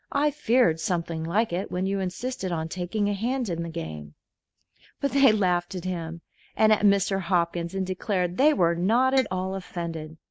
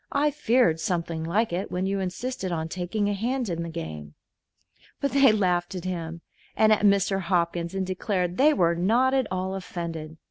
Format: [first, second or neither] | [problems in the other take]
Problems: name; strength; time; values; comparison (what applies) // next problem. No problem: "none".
second | noise reduction (neural mask model Resemble Enhance denoiser)